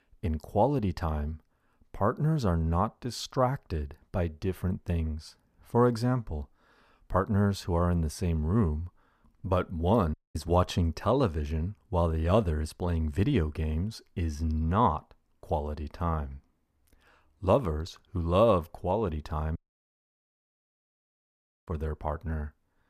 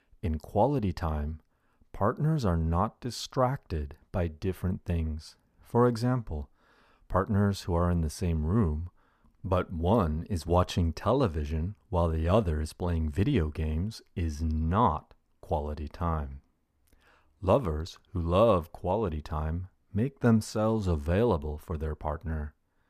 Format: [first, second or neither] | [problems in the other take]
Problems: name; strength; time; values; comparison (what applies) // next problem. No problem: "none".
second | audio cutting out; at 10 s and at 20 s for 2 s